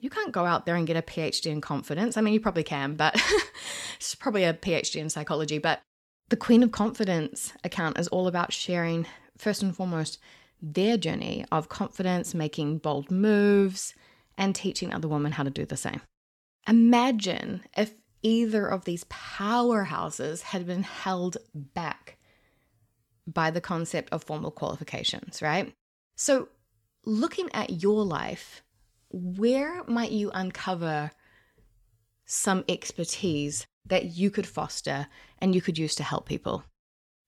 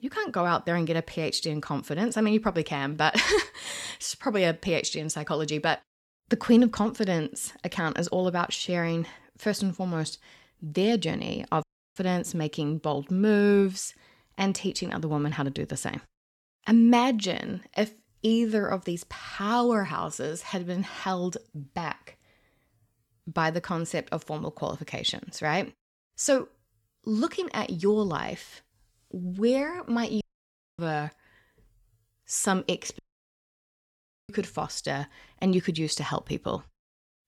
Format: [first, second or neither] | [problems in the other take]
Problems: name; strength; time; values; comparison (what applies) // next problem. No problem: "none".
first | audio cutting out; at 12 s, at 30 s for 0.5 s and at 33 s for 1.5 s